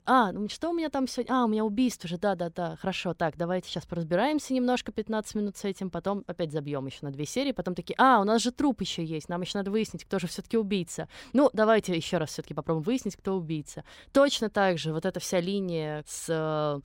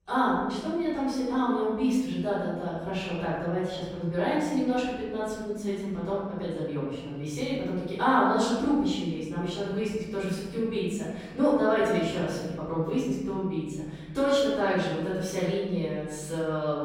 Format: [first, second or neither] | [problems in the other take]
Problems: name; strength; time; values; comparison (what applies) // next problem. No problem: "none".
first | room echo; strong; dies away in 1.2 s // off-mic speech; far